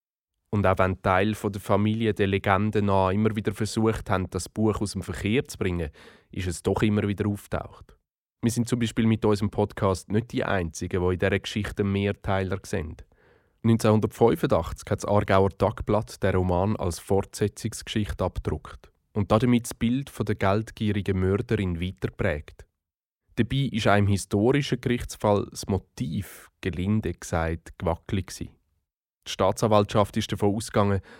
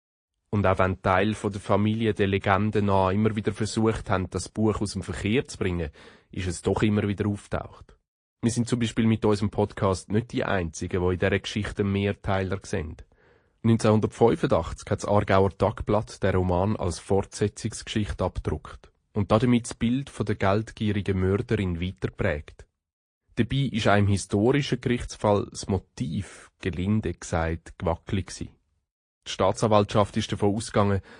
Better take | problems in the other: first | garbled, watery; slightly; nothing above 16.5 kHz

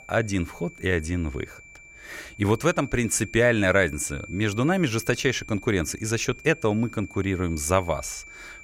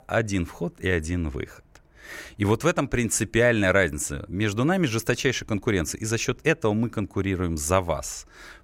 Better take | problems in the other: second | high-pitched whine; noticeable; throughout; 2.5 kHz, 20 dB below the speech

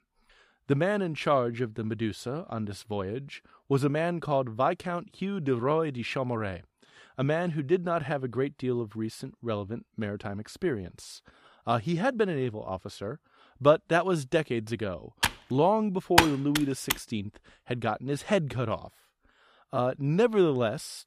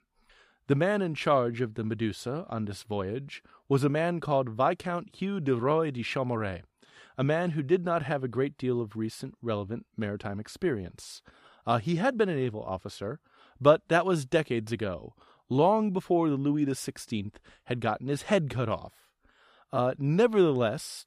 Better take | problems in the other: second | keyboard typing; loud; from 15 to 17 s; peak 6 dB above the speech

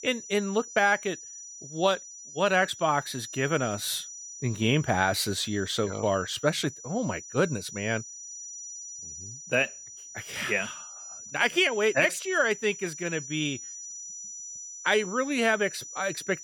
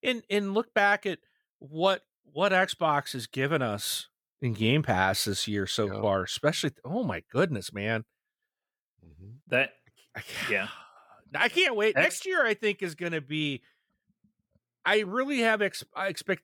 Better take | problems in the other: second | high-pitched whine; noticeable; throughout; 6 kHz, 10 dB below the speech

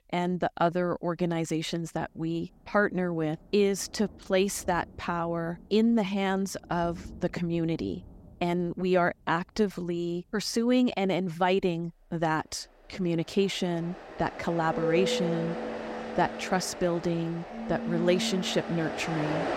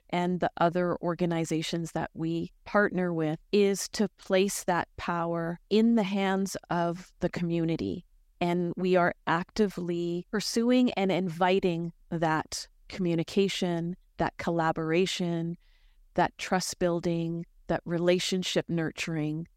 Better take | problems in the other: second | rain or running water; loud; throughout; 7 dB below the speech

